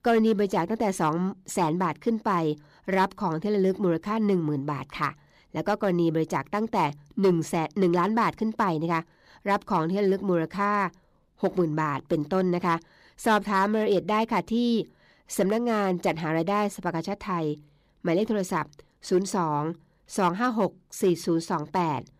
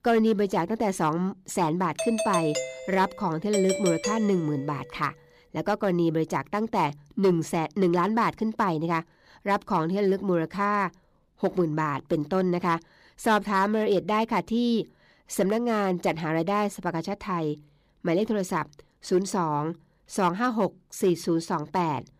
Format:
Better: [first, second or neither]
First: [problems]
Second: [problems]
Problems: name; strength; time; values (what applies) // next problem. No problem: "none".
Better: first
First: none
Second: doorbell; noticeable; from 2 to 4.5 s; peak 2 dB below the speech